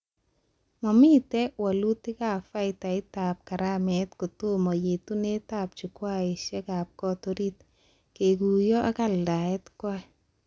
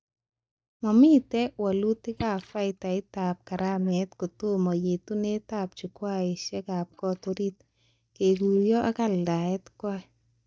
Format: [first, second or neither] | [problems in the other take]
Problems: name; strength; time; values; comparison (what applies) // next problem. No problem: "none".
first | noise reduction (neural mask model DeepFilterNet 3)